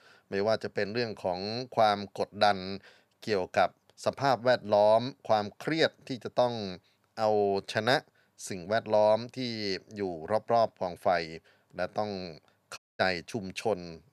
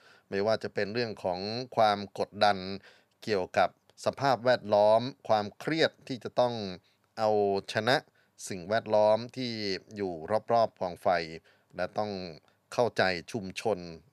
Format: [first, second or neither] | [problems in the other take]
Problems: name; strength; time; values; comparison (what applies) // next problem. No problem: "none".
second | audio cutting out; at 13 s